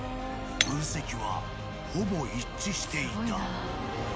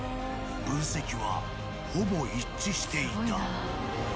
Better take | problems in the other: second | background sound (Shatter); 7 dB below the speech

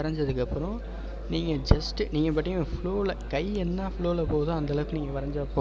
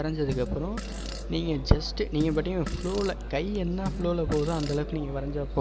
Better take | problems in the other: first | background sound (Fart); 13 dB below the speech

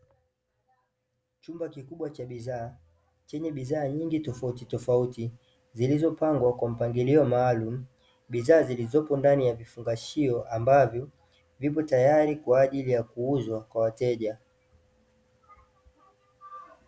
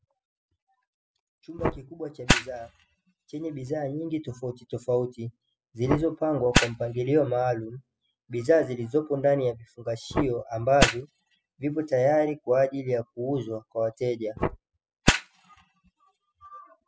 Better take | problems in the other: first | noise reduction (classical method spectral subtraction)

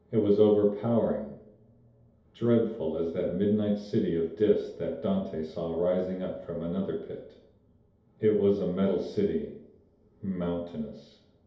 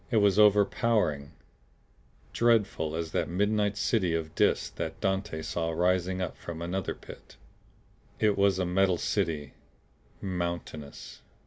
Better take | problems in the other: second | room echo; dies away in 0.8 s

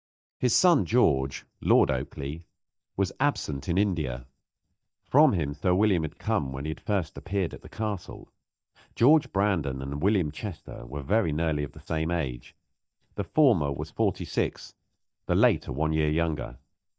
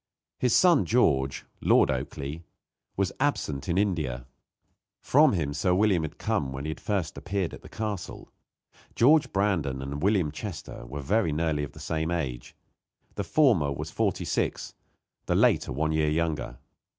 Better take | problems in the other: second | noise reduction (neural mask model DeepFilterNet 3)

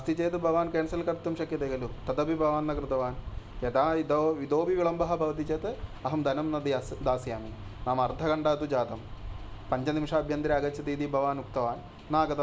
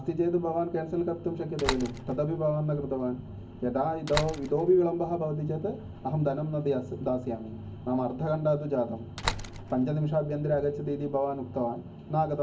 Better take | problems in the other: first | background sound (Slam); 10 dB below the speech // room echo; dies away in 0.3 s

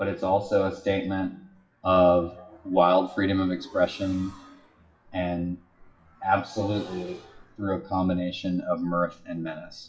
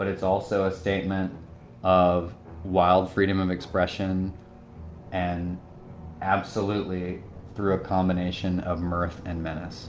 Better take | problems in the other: second | noise reduction (classical method WPE with log-MMSE)

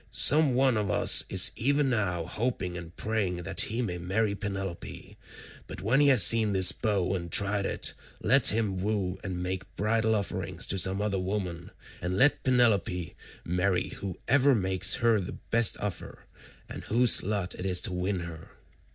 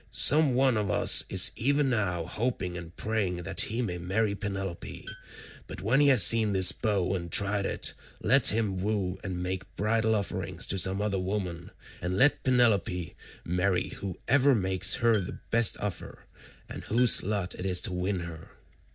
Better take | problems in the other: first | background sound (Tools); 19 dB below the speech

